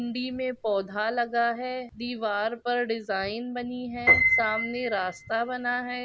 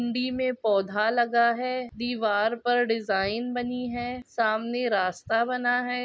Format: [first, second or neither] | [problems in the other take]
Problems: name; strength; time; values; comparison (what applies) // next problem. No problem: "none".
second | background sound (Piano); 2 dB below the speech